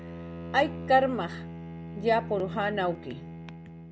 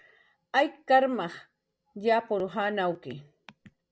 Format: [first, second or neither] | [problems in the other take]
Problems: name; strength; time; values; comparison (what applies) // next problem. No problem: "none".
second | background sound (Bowed string instrument); 10 dB below the speech